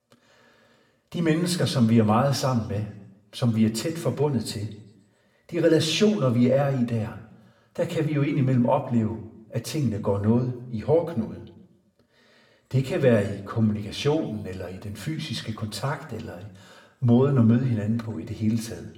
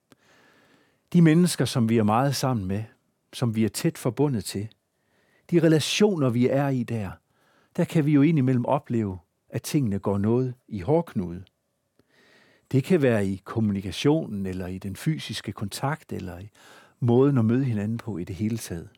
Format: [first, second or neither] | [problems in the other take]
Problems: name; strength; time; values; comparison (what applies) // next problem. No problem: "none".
second | room echo; very slight; dies away in 0.6 s // off-mic speech; somewhat distant